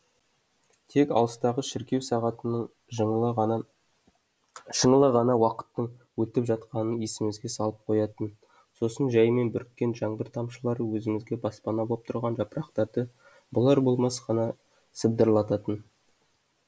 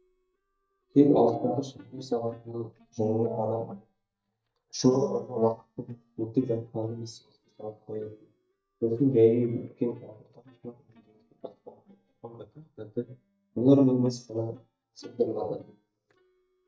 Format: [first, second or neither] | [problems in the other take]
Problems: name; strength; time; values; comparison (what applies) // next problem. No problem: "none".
first | noise reduction (neural mask model DeepFilterNet 3)